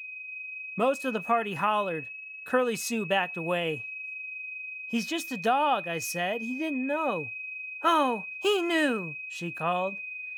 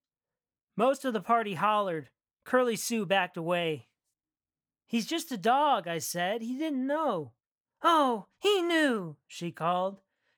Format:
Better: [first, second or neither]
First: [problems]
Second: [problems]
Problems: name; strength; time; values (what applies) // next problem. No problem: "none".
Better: second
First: high-pitched whine; loud; throughout; 2.5 kHz, 8 dB below the speech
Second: none